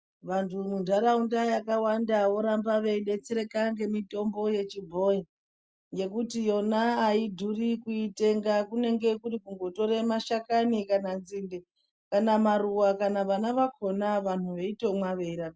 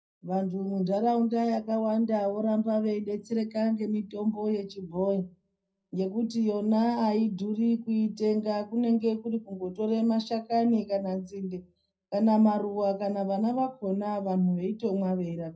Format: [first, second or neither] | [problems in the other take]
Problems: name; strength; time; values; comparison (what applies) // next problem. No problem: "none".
first | room echo; dies away in 0.4 s